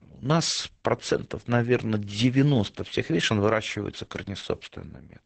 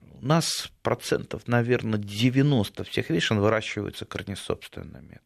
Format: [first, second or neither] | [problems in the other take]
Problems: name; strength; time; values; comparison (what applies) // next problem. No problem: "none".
second | garbled, watery; badly; nothing above 8 kHz